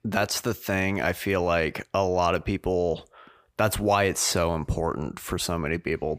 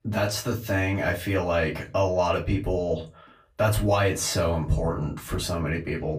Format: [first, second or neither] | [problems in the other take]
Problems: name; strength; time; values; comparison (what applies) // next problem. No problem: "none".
first | off-mic speech; far // room echo; very slight; dies away in 0.2 s